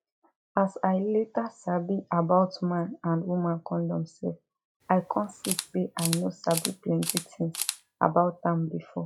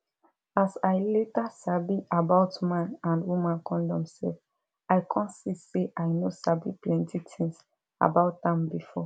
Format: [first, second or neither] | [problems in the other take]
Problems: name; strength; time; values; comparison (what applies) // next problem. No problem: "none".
second | noise reduction (classical method log-MMSE)